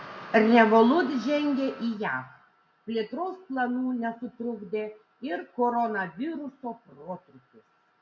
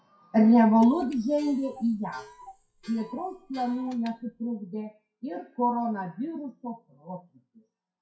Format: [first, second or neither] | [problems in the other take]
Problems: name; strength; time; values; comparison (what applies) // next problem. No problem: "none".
first | noise reduction (classical method WPE with log-MMSE)